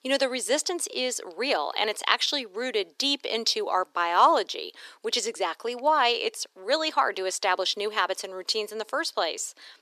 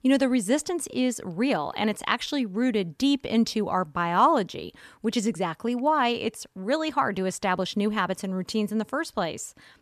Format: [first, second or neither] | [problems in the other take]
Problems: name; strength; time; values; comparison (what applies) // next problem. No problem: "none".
second | thin; very; fading below 350 Hz